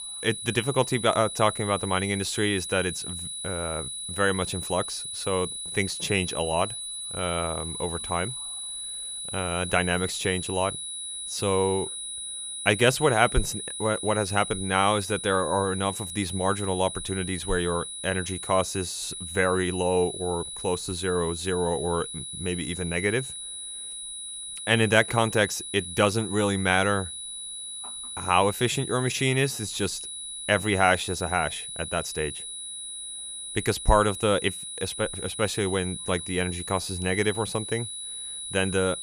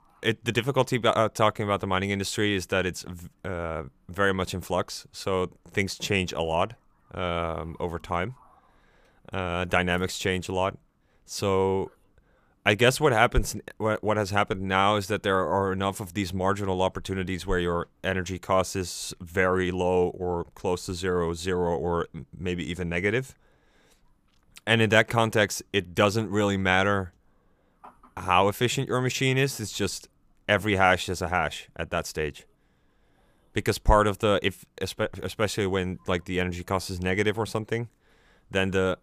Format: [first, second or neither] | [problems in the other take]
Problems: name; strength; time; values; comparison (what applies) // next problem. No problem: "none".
second | high-pitched whine; loud; throughout; 10 kHz, 7 dB below the speech